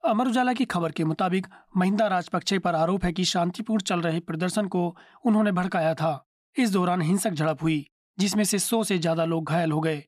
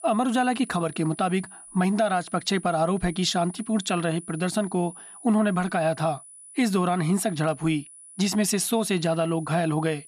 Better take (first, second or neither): first